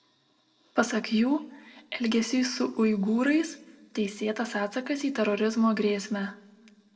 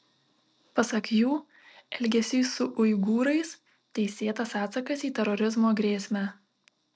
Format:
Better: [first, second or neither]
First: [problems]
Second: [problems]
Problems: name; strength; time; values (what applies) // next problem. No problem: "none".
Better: second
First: room echo; dies away in 0.8 s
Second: none